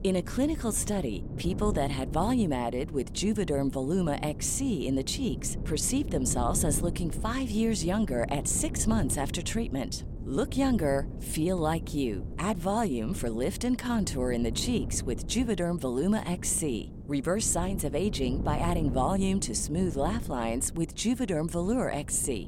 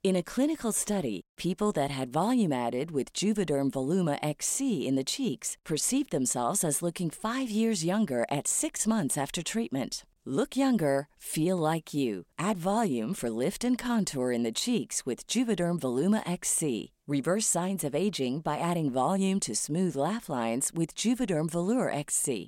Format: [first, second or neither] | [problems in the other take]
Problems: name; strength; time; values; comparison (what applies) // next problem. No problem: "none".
second | wind noise on the microphone; occasional gusts; 15 dB below the speech